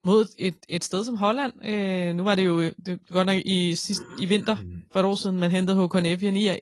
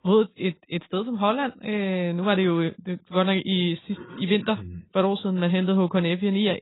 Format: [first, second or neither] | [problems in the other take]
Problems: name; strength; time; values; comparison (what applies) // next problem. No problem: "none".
first | garbled, watery; badly; nothing above 4 kHz; slightly in the first